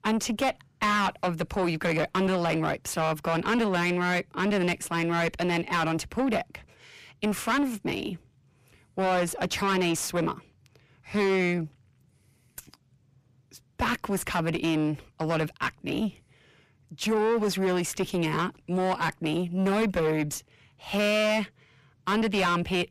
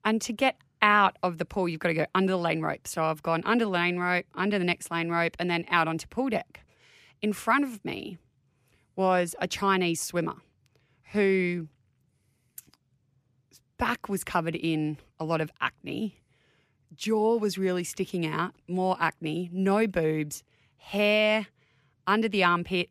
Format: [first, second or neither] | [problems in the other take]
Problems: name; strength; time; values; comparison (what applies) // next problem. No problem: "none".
second | distortion; heavy; 6 dB below the speech